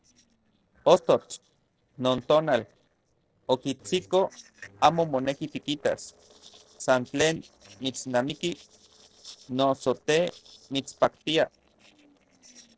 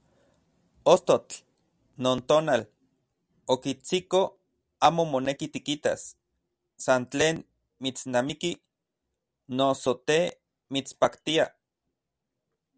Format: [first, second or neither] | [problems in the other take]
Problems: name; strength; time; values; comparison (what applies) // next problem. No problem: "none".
second | noise reduction (neural separator model SepFormer DNS4)